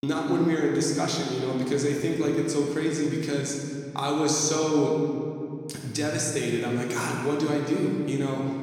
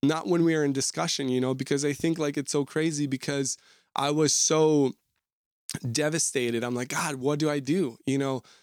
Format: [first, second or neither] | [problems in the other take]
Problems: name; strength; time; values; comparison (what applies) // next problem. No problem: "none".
second | room echo; noticeable; dies away in 2.3 s // off-mic speech; somewhat distant